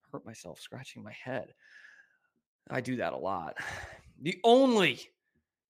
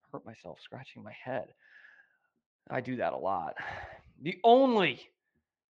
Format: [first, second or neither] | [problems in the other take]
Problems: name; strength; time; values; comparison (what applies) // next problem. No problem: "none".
first | muffled; slightly; fading above 4 kHz